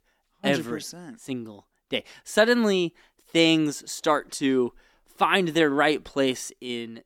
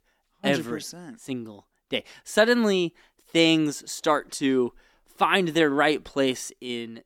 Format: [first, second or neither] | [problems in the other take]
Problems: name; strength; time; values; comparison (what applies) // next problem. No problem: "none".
neither | none